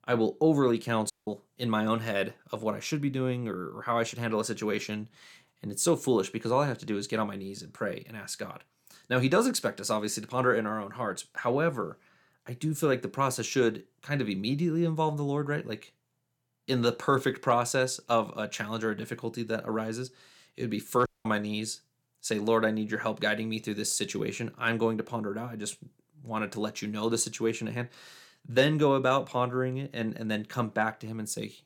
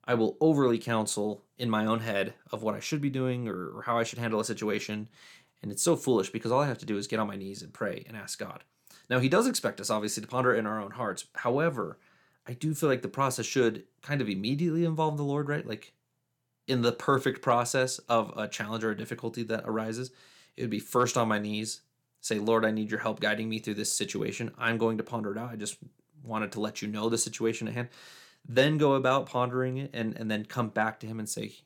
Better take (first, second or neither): second